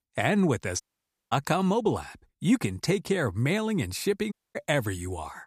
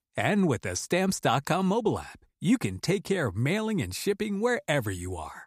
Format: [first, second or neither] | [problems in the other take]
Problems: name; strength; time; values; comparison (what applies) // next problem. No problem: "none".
second | audio cutting out; at 1 s for 0.5 s and at 4.5 s